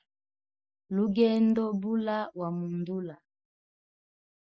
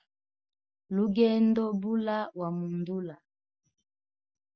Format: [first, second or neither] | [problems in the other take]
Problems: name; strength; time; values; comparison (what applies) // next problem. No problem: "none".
second | noise reduction (neural mask model Resemble Enhance denoiser)